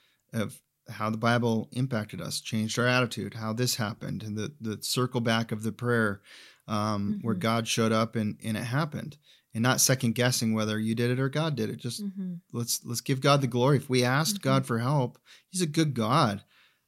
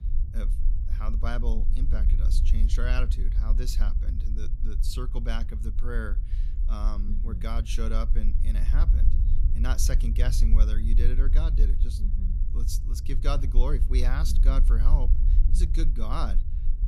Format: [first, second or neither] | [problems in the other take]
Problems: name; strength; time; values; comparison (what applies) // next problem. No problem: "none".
first | low rumble; loud; throughout; 10 dB below the speech